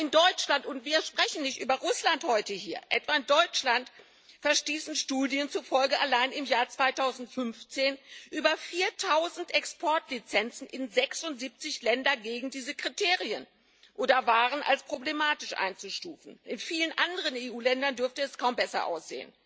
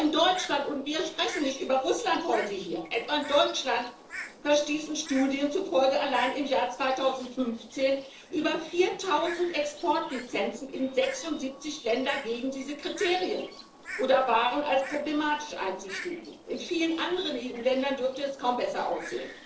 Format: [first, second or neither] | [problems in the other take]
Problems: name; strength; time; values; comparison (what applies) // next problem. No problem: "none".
first | noise reduction (neural separator model SepFormer DNS4)